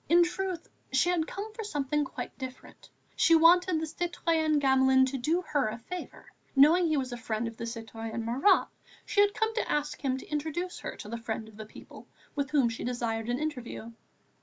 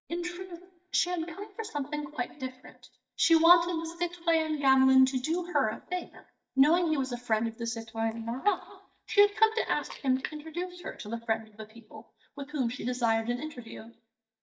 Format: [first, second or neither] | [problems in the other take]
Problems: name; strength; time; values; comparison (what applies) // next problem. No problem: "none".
first | noise reduction (neural mask model DeepFilterNet 3)